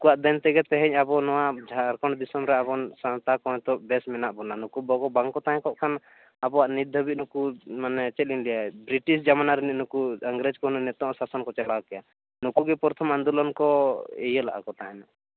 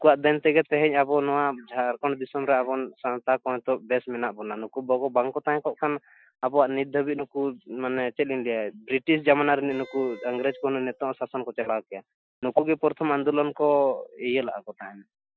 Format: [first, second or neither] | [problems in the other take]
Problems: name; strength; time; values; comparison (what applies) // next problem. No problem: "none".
first | noise reduction (classical method Wiener filter)